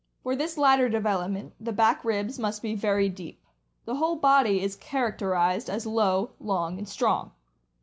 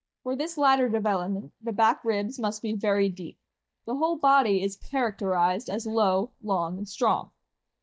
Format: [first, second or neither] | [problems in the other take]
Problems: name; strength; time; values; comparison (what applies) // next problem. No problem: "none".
first | noise reduction (neural mask model DeepFilterNet 3)